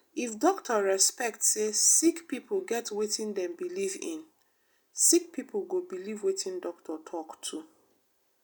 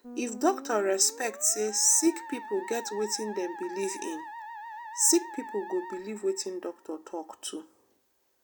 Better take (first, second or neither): first